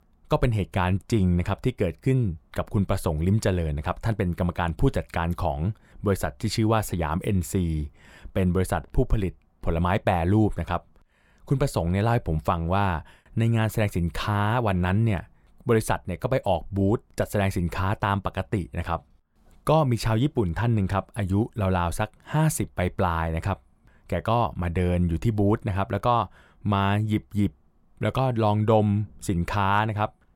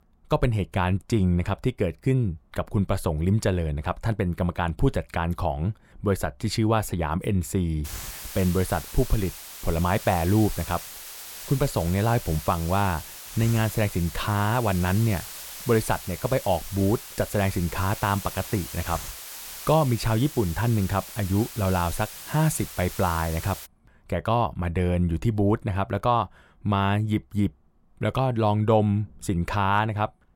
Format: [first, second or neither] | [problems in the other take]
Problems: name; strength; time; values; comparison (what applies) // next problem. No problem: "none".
first | hiss; noticeable; from 8 to 24 s; 10 dB below the speech